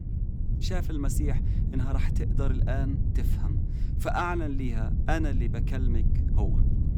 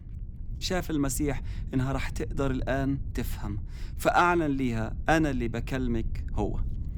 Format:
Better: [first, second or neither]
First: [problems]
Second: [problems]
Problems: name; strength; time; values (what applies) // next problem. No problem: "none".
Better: second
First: low rumble; loud; throughout; 8 dB below the speech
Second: low rumble; faint; throughout; 25 dB below the speech